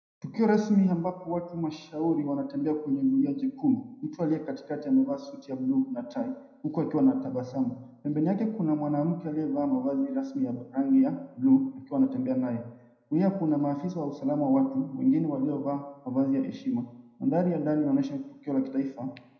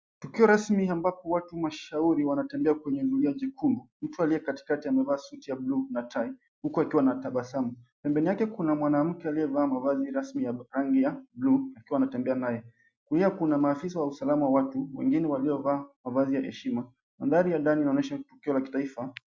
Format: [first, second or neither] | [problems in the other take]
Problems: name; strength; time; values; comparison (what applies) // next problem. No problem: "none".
second | room echo; dies away in 0.8 s